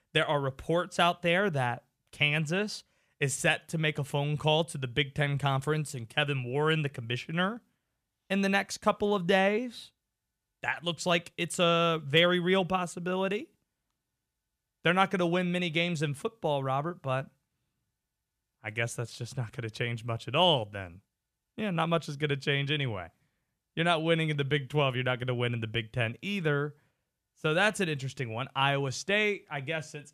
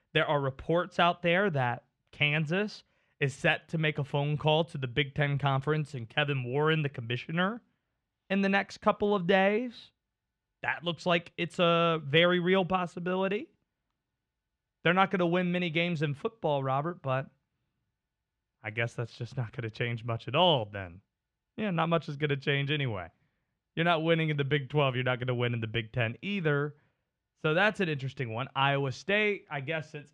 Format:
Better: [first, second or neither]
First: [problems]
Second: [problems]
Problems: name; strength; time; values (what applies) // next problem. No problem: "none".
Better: first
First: none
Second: muffled; slightly; fading above 3.5 kHz